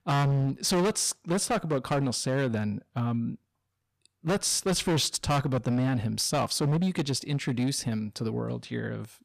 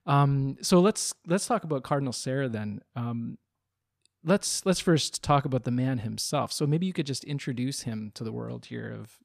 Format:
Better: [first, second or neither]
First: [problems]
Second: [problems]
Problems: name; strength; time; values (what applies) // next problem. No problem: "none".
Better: second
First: distortion; heavy; 14% of the sound clipped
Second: none